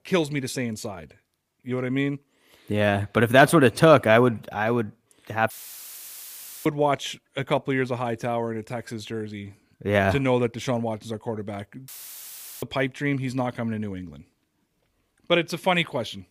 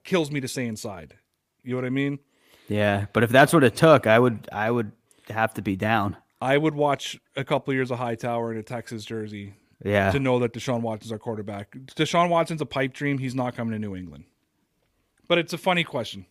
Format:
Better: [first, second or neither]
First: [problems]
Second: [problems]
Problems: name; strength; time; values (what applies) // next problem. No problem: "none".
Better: second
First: audio cutting out; filled with static; at 5.5 s for 1 s and at 12 s for 0.5 s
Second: none